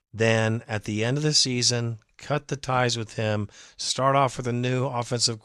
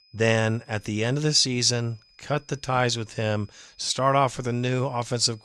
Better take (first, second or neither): first